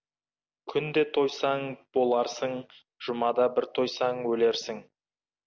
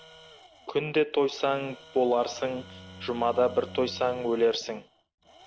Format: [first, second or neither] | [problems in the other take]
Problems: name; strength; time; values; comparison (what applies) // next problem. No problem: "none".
first | background sound (Bowed string instrument + Tools); 20 dB below the speech